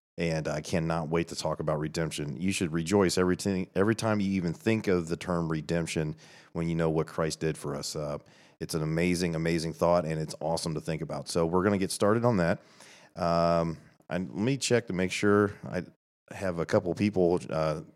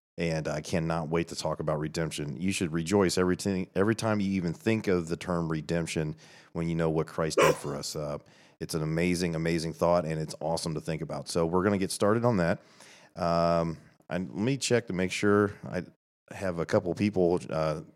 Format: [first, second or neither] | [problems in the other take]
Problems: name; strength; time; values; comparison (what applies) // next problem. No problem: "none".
first | dog barking; loud; at 7.5 s; peak 4 dB above the speech